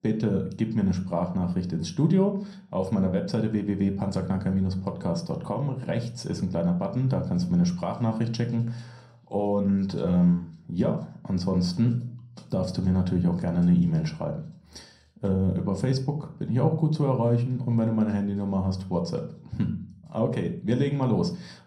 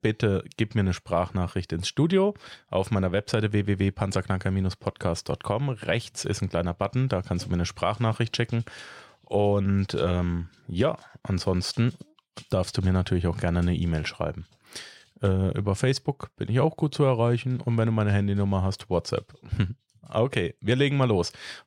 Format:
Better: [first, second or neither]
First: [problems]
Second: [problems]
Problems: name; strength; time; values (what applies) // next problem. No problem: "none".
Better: second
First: room echo; slight; dies away in 0.5 s // off-mic speech; somewhat distant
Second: none